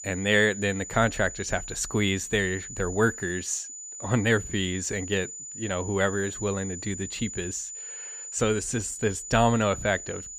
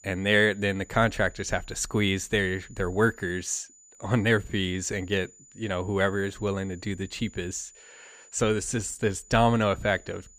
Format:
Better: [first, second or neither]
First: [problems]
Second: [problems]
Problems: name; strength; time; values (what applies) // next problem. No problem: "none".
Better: second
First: high-pitched whine; loud; throughout; 7 kHz, 10 dB below the speech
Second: high-pitched whine; faint; throughout; 7 kHz, 25 dB below the speech